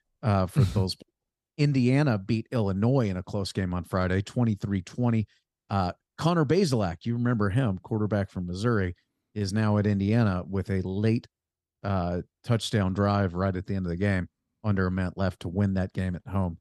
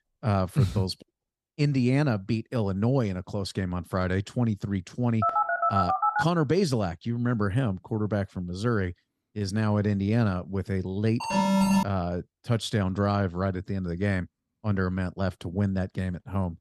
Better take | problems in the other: first | phone ringing; loud; from 5 to 6 s; peak 3 dB above the speech // alarm; loud; at 11 s; peak 5 dB above the speech

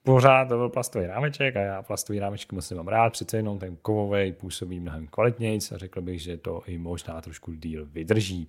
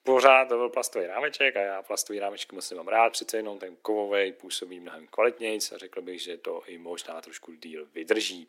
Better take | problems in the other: first | thin; very; fading below 300 Hz

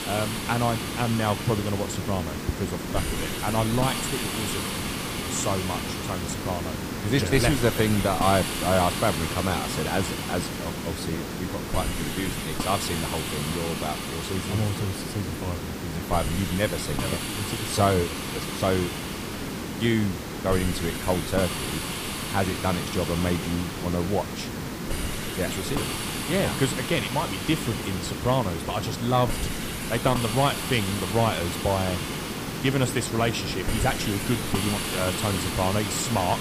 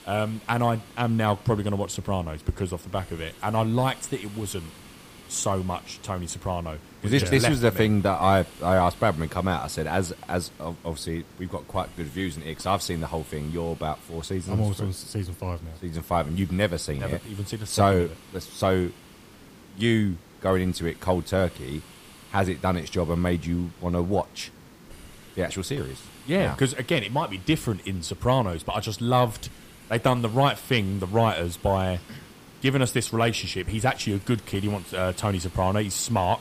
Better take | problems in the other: second | hiss; loud; throughout; 3 dB below the speech; faint in the second

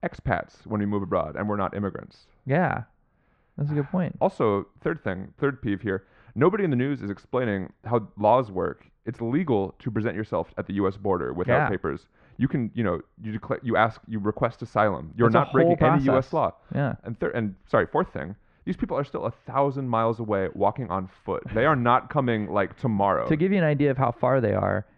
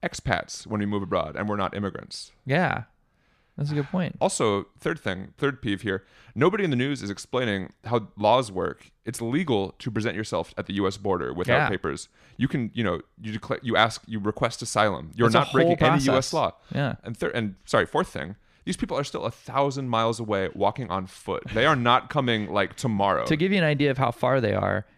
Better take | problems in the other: second | muffled; very; fading above 1.5 kHz

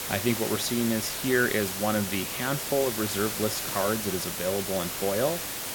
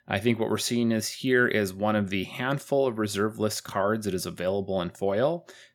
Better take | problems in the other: second | hiss; loud; throughout; 2 dB below the speech

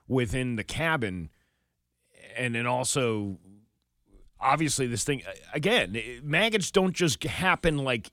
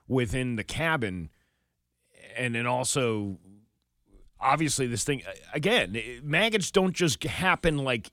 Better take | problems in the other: neither | none

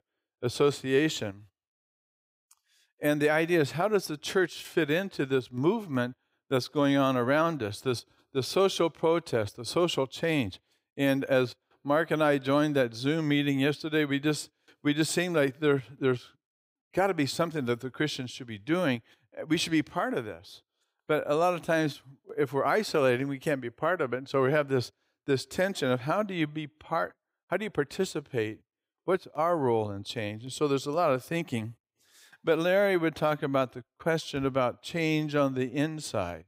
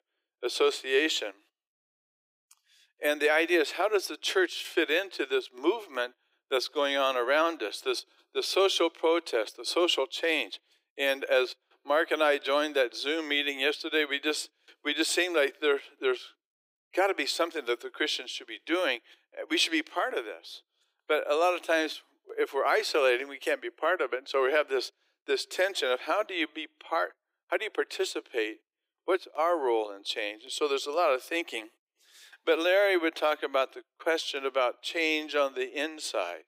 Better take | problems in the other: first | thin; very; fading below 350 Hz

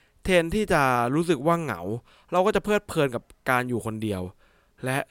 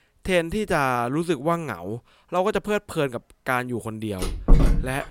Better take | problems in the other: first | door banging; loud; at 4 s; peak 5 dB above the speech

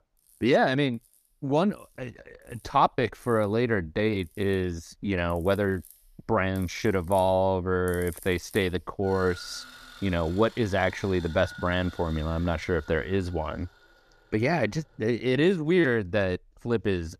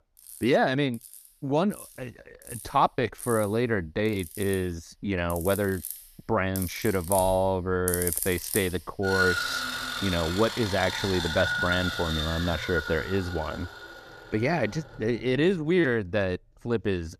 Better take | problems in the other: first | machinery noise; loud; throughout; 4 dB below the speech; faint in the first

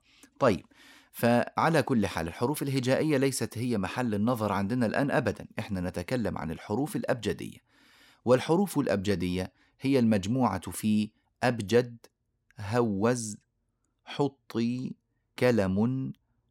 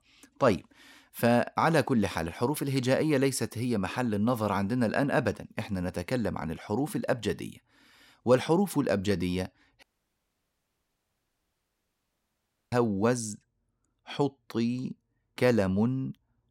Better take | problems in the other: first | audio cutting out; at 10 s for 3 s

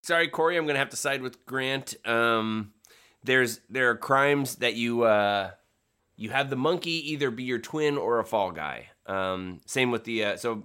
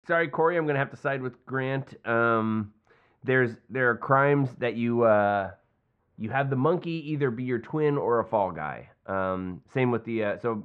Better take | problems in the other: first | muffled; very; fading above 1.5 kHz

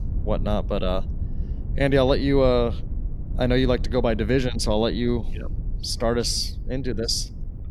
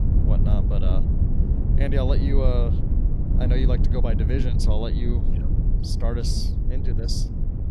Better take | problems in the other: first | low rumble; loud; throughout; 4 dB below the speech; faint in the first

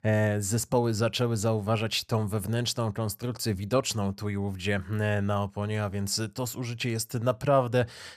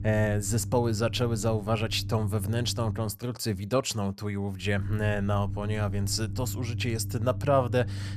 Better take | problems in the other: first | low rumble; noticeable; until 3 s and from 4.5 s on; 20 dB below the speech

